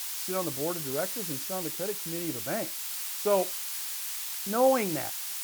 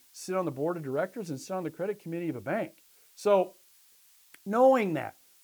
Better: second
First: hiss; loud; throughout; 1 dB below the speech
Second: hiss; faint; throughout; 30 dB below the speech

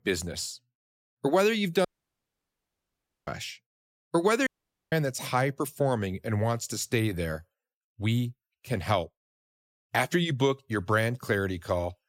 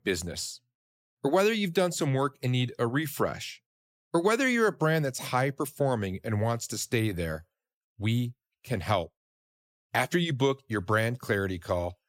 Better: second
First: audio cutting out; at 2 s for 1.5 s and at 4.5 s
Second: none

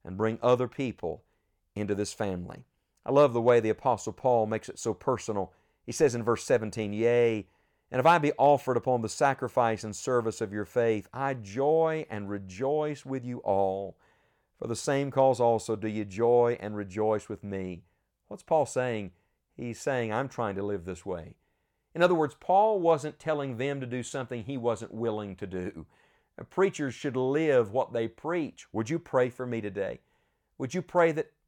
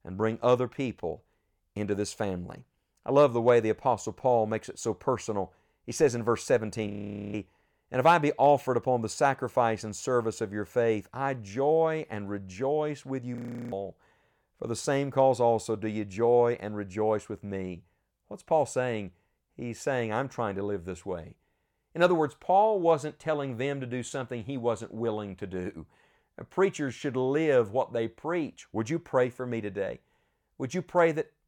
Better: first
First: none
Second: audio freezing; at 7 s and at 13 s

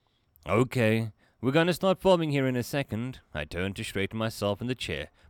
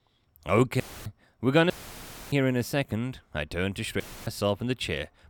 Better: first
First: none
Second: audio cutting out; filled with static; at 1 s, at 1.5 s for 0.5 s and at 4 s

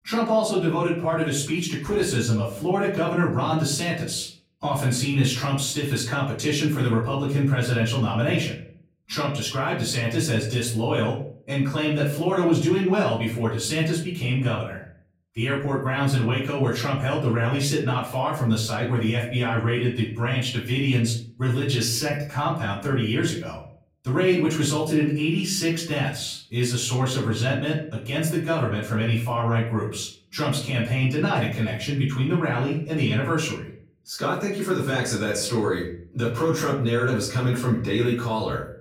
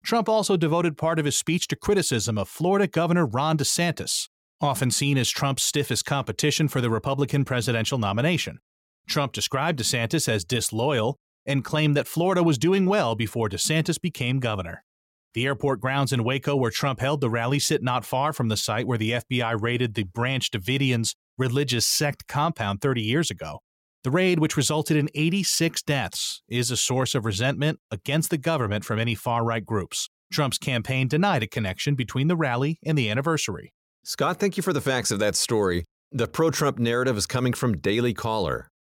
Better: second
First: off-mic speech; far // room echo; slight; dies away in 0.5 s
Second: none

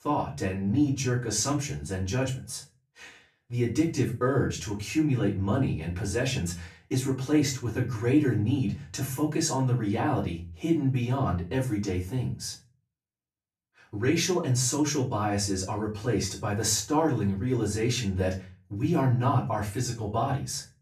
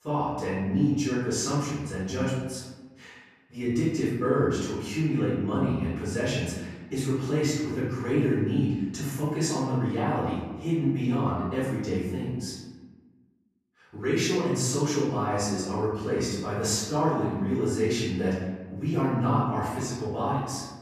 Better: first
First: room echo; slight; dies away in 0.3 s // off-mic speech; far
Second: room echo; strong; dies away in 1.2 s // off-mic speech; far

